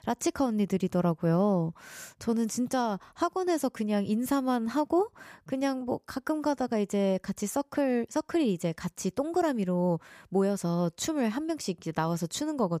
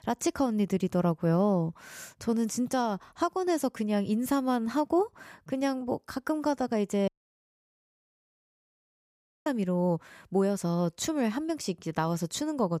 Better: first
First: none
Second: audio cutting out; at 7 s for 2.5 s

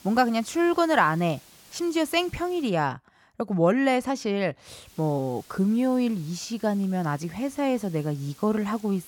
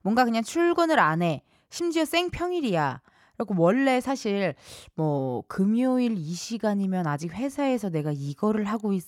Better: second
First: hiss; faint; until 2.5 s and from 5 s on; 25 dB below the speech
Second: none

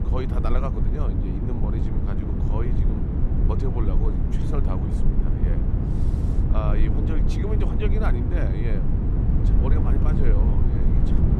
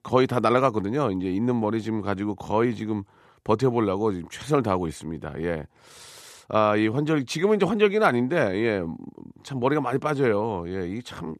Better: second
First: low rumble; loud; throughout; as loud as the speech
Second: none

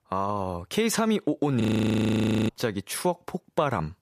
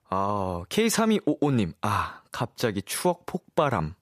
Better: second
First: audio freezing; at 1.5 s for 1 s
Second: none

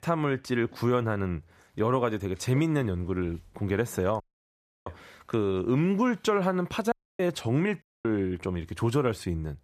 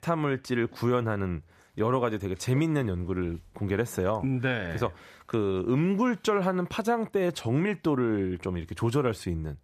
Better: second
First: audio cutting out; at 4 s for 0.5 s, at 7 s and at 8 s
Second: none

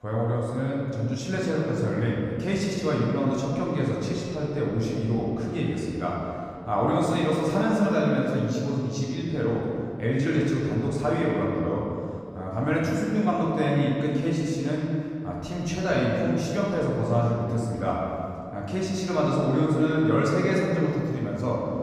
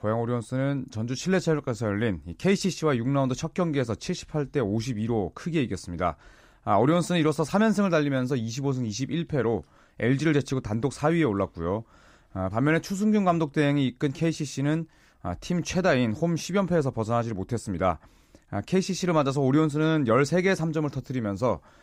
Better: second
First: room echo; noticeable; dies away in 2.1 s // off-mic speech; far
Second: none

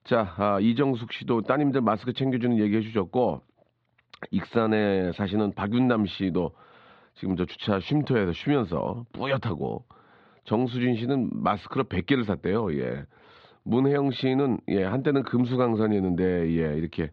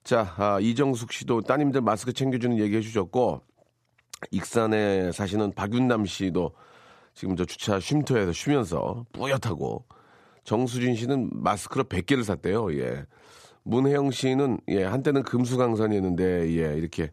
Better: second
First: muffled; slightly; fading above 4 kHz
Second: none

